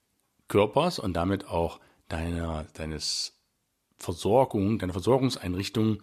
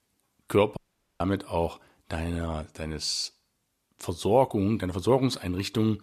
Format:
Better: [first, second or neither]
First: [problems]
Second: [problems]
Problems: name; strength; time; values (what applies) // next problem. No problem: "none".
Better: first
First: none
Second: audio cutting out; at 1 s